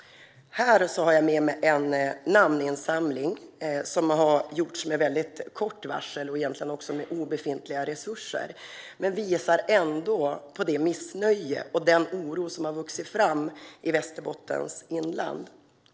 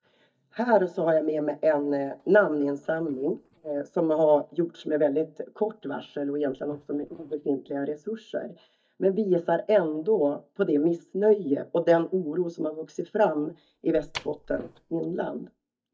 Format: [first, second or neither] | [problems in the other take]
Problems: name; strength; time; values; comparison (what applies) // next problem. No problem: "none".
first | noise reduction (neural mask model DeepFilterNet 3)